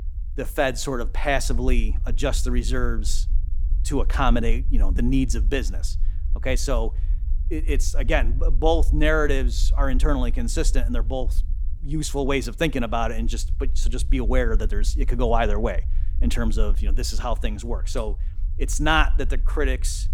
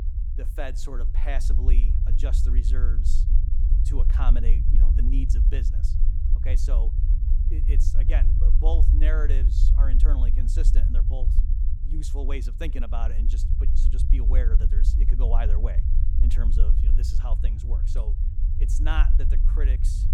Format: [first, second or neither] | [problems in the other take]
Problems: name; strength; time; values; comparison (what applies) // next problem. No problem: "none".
first | low rumble; loud; throughout; 5 dB below the speech; faint in the first